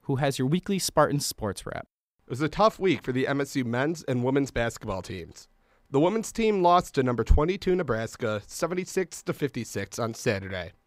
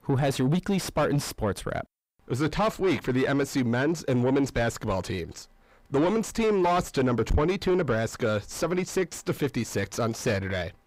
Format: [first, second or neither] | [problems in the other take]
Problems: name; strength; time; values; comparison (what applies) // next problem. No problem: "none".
first | distortion; heavy; 6 dB below the speech